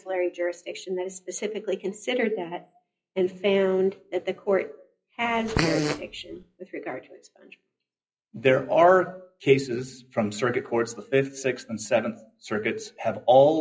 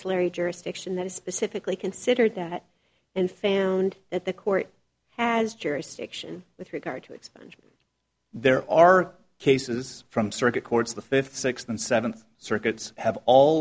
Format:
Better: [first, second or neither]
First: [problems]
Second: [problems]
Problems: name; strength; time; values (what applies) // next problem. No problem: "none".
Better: second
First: noise reduction (classical method WPE with log-MMSE)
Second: none